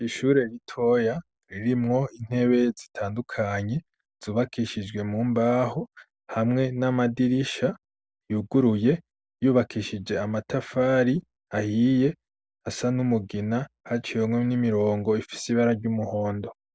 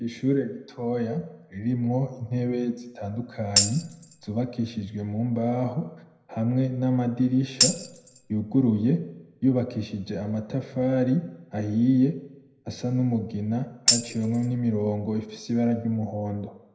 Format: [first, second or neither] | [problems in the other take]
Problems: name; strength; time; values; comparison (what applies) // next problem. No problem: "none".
first | background sound (Tambourine); 1 dB below the speech // room echo; dies away in 0.7 s